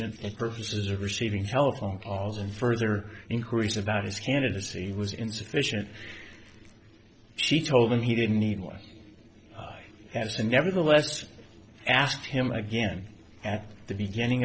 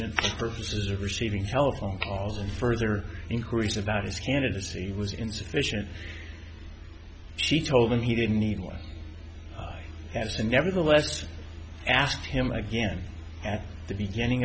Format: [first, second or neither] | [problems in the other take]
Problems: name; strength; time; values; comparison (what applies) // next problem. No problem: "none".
second | noise reduction (neural separator model SepFormer DNS4)